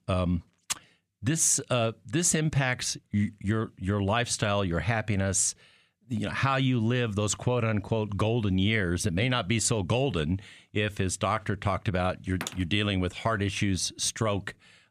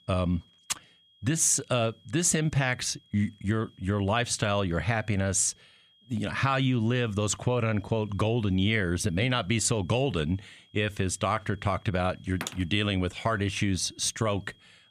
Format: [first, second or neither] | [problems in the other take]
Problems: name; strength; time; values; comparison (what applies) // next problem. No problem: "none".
first | high-pitched whine; faint; throughout; 3.5 kHz, 30 dB below the speech